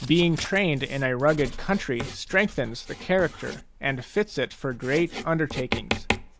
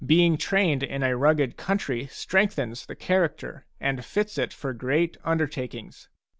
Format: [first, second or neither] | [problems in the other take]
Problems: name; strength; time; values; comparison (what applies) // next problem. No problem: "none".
second | background sound (Writing); 10 dB below the speech